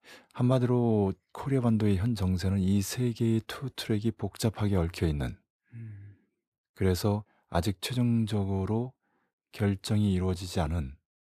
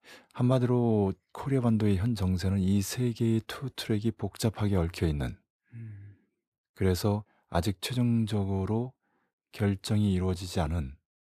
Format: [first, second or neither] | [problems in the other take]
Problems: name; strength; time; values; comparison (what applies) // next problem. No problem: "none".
neither | none